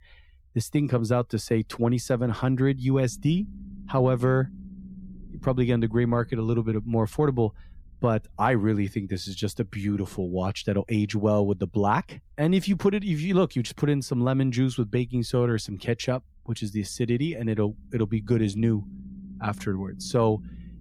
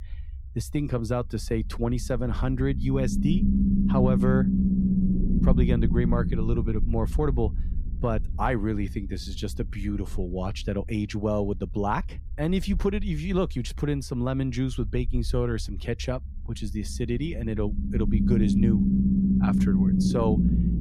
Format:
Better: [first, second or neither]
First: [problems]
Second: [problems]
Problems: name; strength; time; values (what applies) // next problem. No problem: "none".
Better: first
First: low rumble; faint; throughout; 25 dB below the speech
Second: low rumble; loud; throughout; as loud as the speech